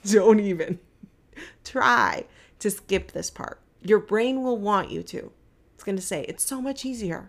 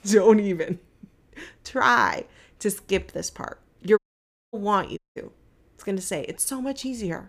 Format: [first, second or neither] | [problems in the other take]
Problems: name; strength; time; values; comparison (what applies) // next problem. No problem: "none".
first | audio cutting out; at 4 s for 0.5 s and at 5 s